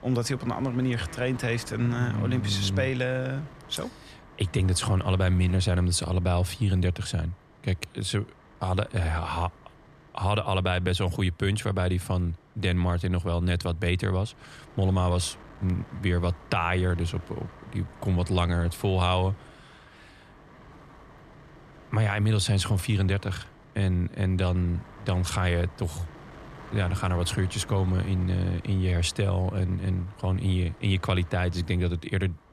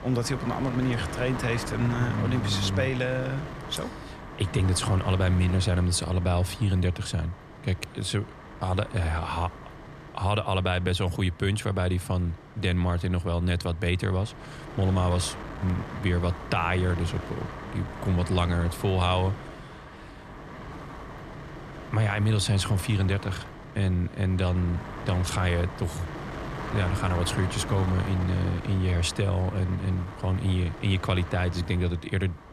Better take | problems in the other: first | wind noise on the microphone; heavy; 8 dB below the speech; occasional gusts in the first

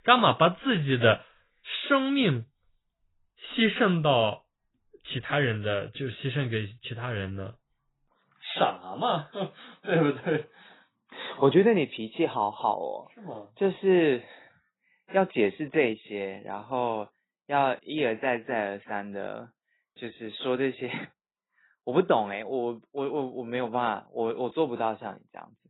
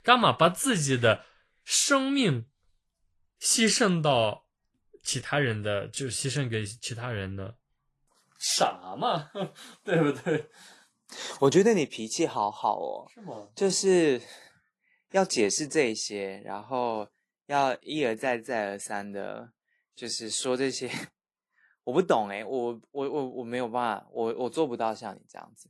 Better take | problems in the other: second | garbled, watery; badly; nothing above 4 kHz; slightly in the second

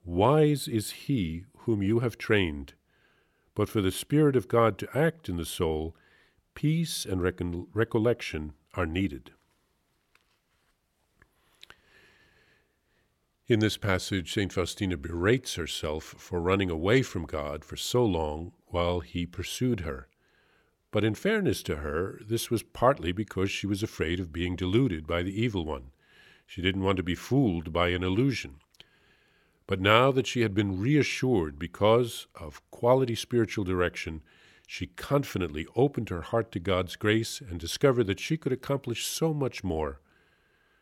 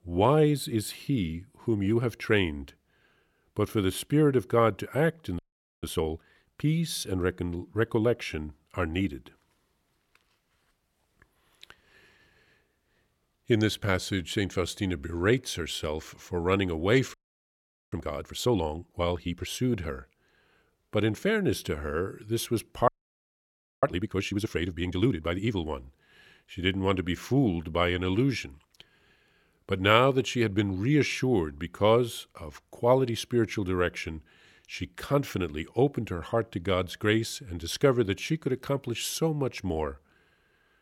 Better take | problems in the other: first | audio freezing; at 5.5 s, at 17 s for 1 s and at 23 s for 1 s

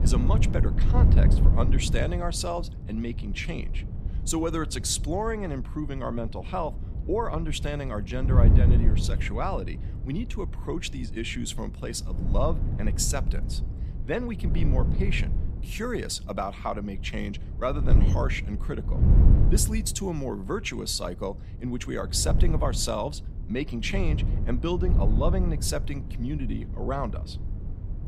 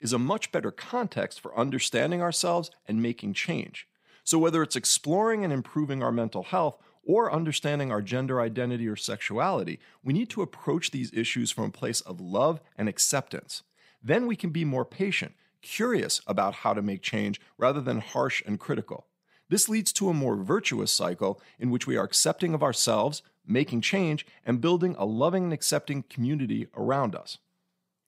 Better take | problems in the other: second | wind noise on the microphone; heavy; 9 dB below the speech

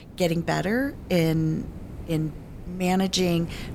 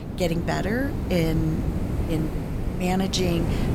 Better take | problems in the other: first | wind noise on the microphone; heavy; 7 dB below the speech; occasional gusts in the first

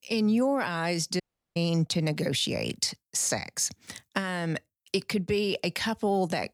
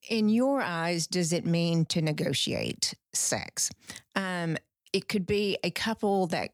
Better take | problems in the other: second | audio cutting out; at 1 s

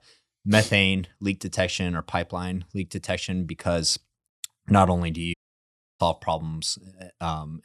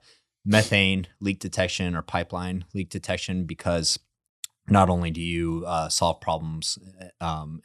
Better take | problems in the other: second | audio cutting out; at 5.5 s for 0.5 s

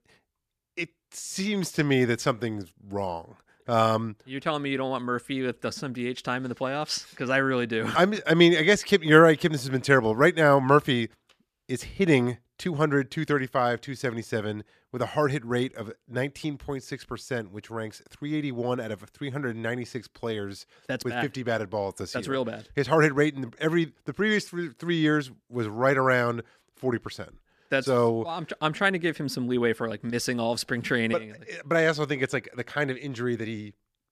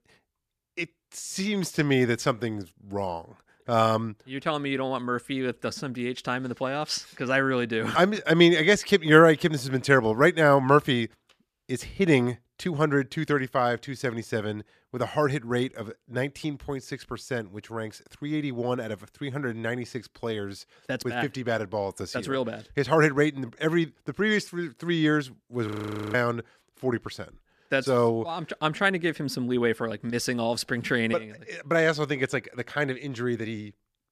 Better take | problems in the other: first | audio freezing; at 26 s

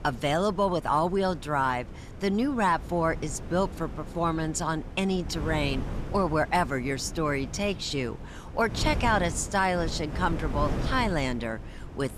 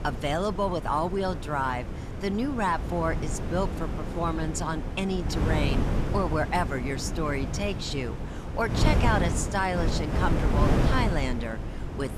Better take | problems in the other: first | wind noise on the microphone; heavy; 6 dB below the speech; occasional gusts in the first

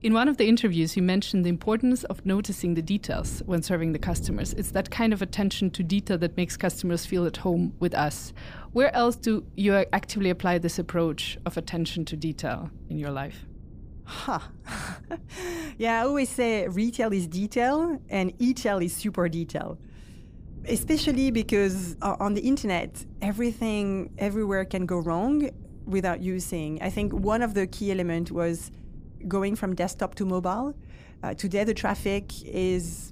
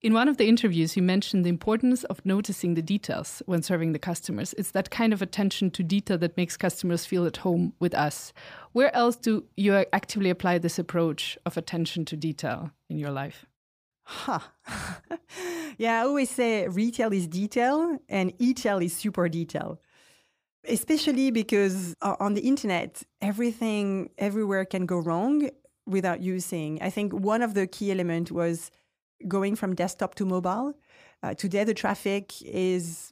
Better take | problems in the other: second | wind noise on the microphone; occasional gusts; 25 dB below the speech

